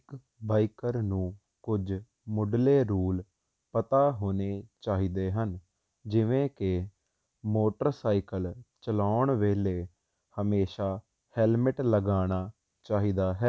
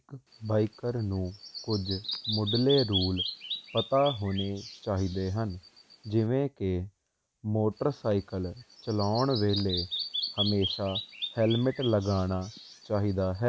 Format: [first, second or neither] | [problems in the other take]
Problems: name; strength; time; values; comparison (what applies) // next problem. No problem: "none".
first | background sound (Bird vocalization, bird call, bird song); 9 dB below the speech